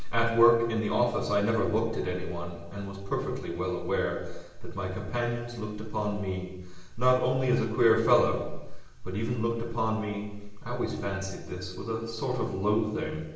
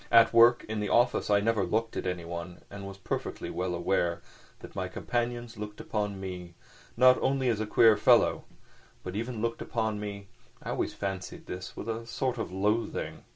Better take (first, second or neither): second